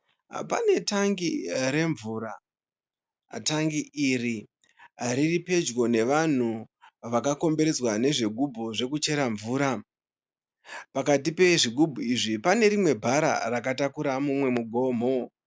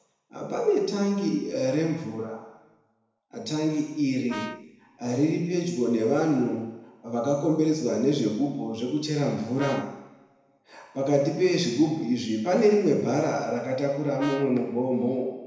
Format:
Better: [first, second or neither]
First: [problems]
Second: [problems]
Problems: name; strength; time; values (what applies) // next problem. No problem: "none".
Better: first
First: none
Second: background sound (Brass instrument); 14 dB below the speech // room echo; dies away in 0.9 s